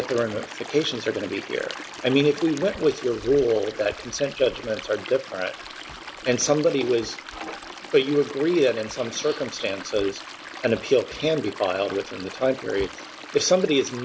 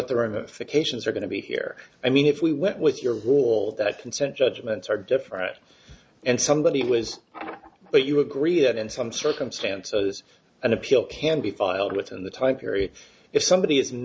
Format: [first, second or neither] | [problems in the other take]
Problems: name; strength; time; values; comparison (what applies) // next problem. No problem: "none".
second | background sound (Stream); 14 dB below the speech